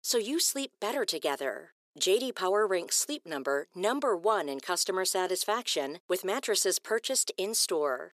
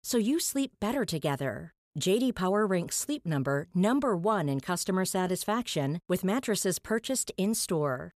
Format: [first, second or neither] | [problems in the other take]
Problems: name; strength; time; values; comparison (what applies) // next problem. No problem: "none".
second | thin; somewhat; fading below 350 Hz